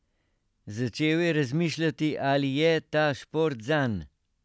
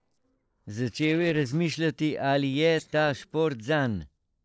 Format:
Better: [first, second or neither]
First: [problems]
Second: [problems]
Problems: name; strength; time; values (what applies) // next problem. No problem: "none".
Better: first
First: none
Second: noise reduction (neural separator model SepFormer DNS4)